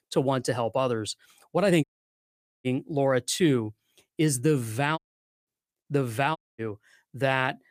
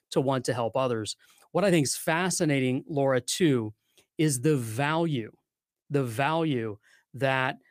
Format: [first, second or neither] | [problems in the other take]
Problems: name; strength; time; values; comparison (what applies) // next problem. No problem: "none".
second | audio cutting out; at 2 s for 1 s, at 5 s and at 6.5 s